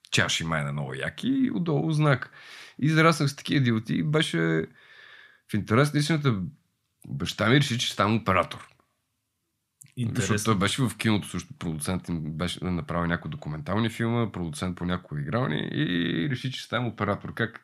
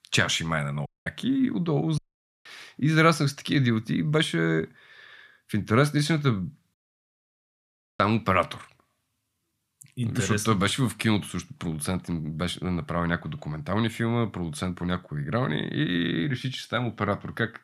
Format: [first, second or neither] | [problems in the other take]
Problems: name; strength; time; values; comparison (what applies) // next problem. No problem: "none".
first | audio cutting out; at 1 s, at 2 s and at 6.5 s for 1.5 s